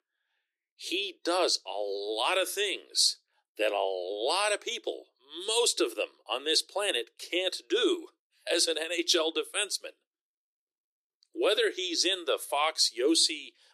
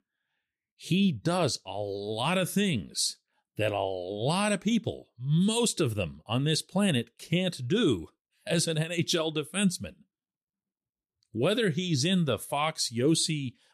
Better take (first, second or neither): second